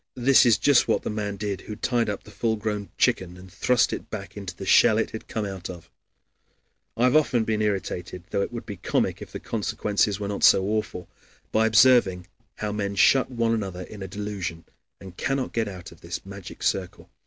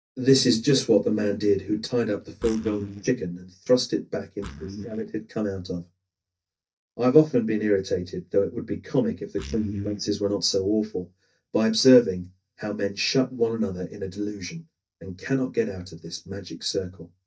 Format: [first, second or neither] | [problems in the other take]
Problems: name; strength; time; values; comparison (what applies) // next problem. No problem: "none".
first | noise reduction (neural mask model DeepFilterNet 3)